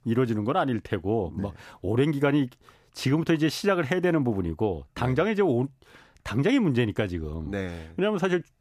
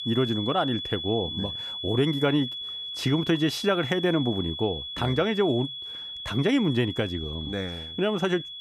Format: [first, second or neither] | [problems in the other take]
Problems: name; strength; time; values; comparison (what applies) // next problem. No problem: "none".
first | high-pitched whine; loud; throughout; 3.5 kHz, 6 dB below the speech